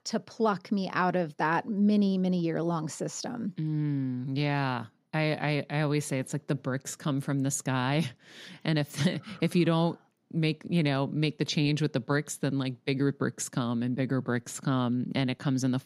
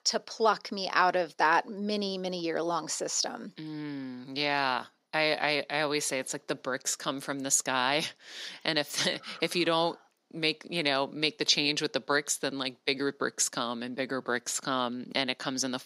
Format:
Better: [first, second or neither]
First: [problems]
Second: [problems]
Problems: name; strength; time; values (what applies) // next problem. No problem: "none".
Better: first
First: none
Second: thin; somewhat; fading below 450 Hz